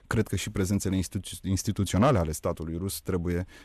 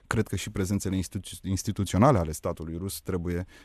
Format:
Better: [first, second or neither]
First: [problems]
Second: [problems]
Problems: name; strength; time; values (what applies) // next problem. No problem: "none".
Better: second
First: distortion; slight; 10 dB below the speech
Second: none